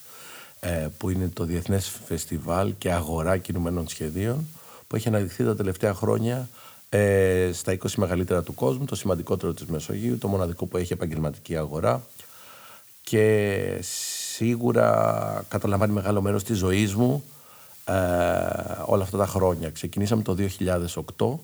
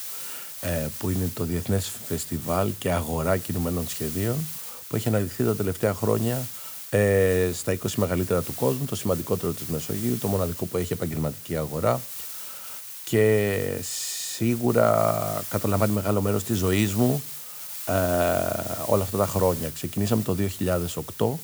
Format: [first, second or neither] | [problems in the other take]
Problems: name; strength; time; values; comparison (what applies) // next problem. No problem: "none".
first | hiss; loud; throughout; 8 dB below the speech; faint in the first